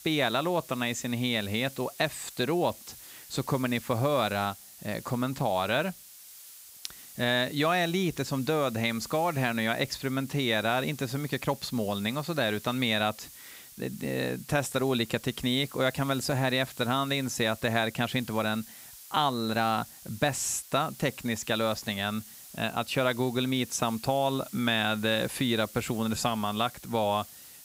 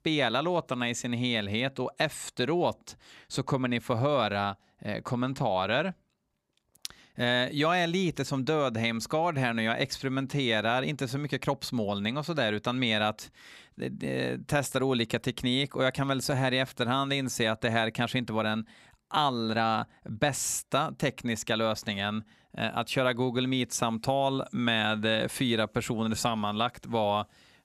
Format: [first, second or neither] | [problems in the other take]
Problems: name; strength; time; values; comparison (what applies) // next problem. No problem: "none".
second | hiss; noticeable; throughout; 15 dB below the speech